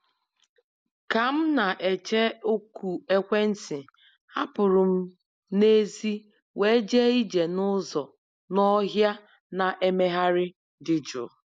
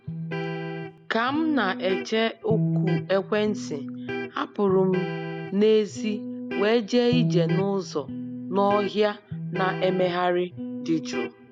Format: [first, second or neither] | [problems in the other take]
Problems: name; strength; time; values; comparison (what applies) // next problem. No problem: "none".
first | background sound (Electric guitar); 5 dB below the speech